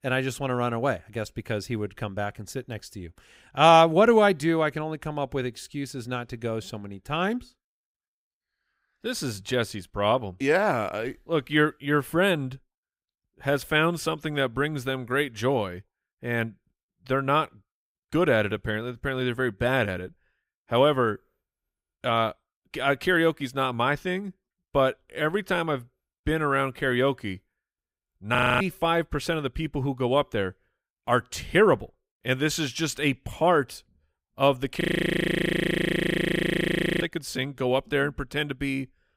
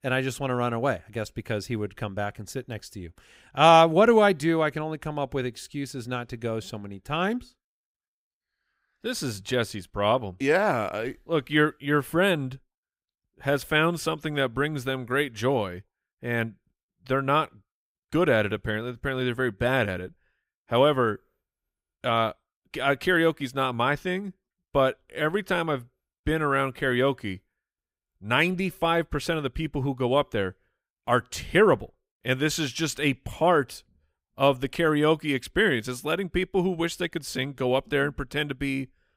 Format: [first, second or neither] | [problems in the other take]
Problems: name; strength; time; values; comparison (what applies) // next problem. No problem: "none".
second | audio freezing; at 28 s and at 35 s for 2 s